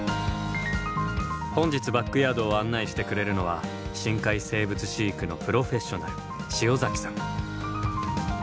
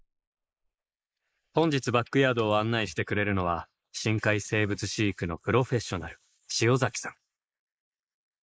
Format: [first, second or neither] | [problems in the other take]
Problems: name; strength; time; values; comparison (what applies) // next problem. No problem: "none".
first | noise reduction (neural mask model Resemble Enhance denoiser)